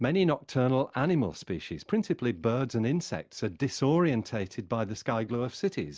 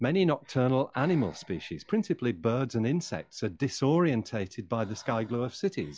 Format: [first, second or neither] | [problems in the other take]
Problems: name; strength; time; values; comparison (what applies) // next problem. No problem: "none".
first | noise reduction (classical method log-MMSE)